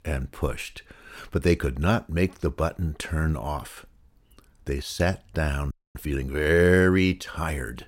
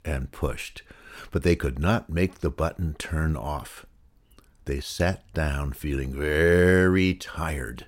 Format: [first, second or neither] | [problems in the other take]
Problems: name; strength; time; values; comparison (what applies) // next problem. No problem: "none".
second | audio freezing; at 5.5 s